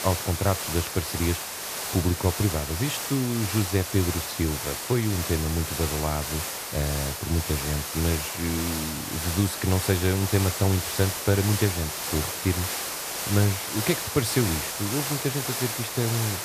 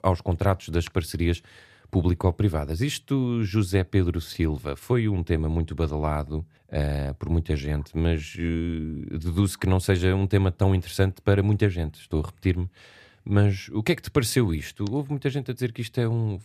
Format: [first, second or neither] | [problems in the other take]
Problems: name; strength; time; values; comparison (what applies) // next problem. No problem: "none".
second | hiss; loud; throughout; 2 dB below the speech